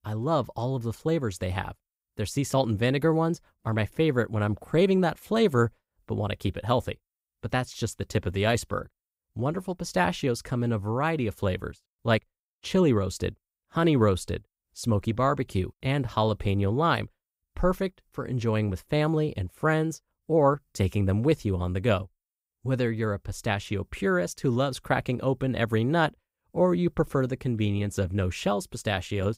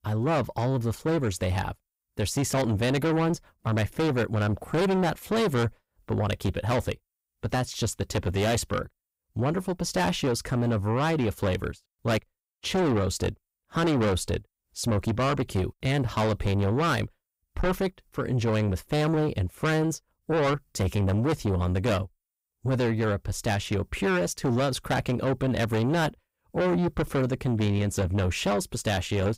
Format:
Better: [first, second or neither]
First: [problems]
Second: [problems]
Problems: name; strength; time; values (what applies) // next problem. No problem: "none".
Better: first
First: none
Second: distortion; heavy; 7 dB below the speech